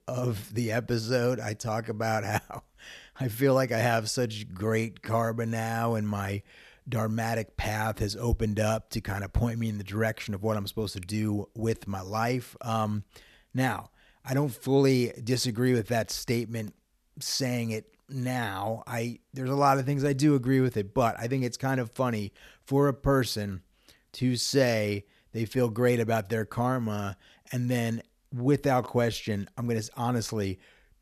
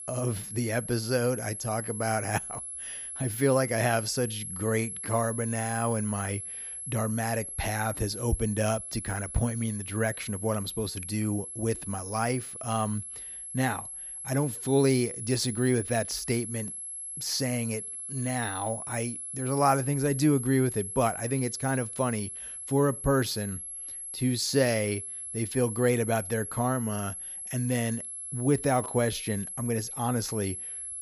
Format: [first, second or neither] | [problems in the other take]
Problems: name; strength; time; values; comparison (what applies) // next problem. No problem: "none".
first | high-pitched whine; loud; throughout; 11 kHz, 7 dB below the speech